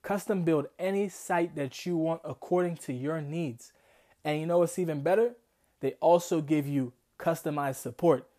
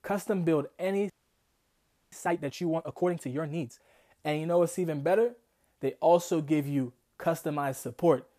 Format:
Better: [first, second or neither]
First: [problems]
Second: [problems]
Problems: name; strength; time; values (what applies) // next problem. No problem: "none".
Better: first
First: none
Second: audio freezing; at 1 s for 1 s